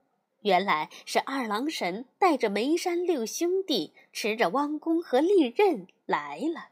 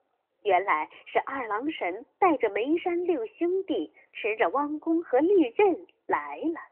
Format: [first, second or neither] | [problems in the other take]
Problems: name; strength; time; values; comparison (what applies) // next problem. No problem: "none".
first | phone-call audio; nothing above 3 kHz